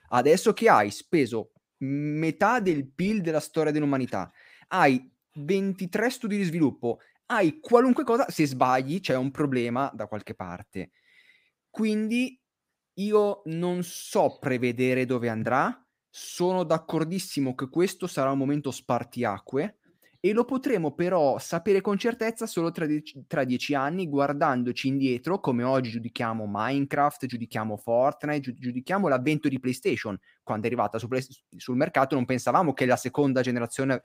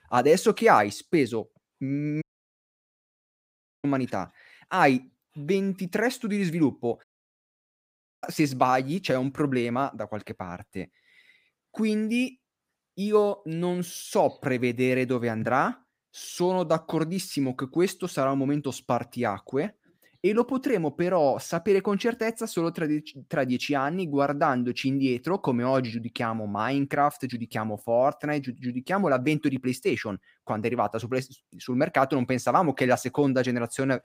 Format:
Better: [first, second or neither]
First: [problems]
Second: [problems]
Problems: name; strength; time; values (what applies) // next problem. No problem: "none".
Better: first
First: none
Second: audio cutting out; at 2 s for 1.5 s and at 7 s for 1 s